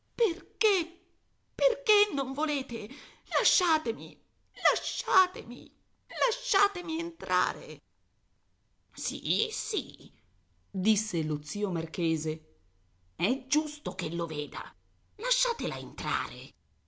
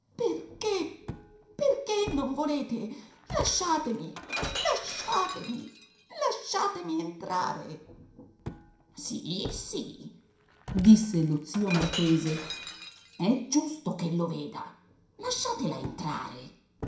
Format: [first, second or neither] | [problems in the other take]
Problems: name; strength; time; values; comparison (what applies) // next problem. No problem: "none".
first | background sound (Shatter); 12 dB below the speech // room echo; dies away in 0.5 s